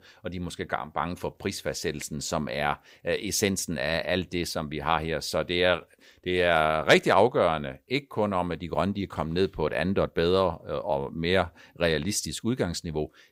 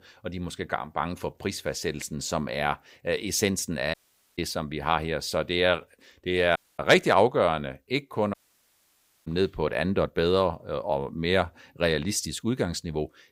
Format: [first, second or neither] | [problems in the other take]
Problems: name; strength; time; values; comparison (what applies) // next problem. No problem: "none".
first | audio cutting out; at 4 s, at 6.5 s and at 8.5 s for 1 s